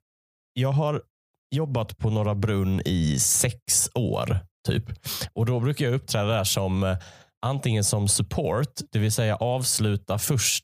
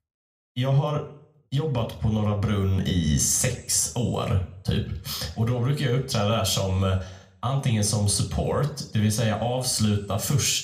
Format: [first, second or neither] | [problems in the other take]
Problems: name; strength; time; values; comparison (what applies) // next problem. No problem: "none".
first | room echo; very slight; dies away in 0.4 s